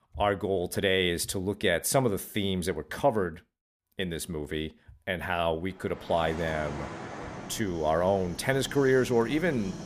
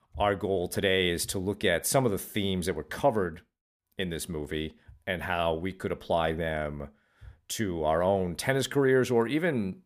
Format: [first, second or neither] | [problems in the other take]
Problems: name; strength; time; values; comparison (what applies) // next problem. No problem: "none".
second | train or aircraft noise; noticeable; from 6.5 s on; 15 dB below the speech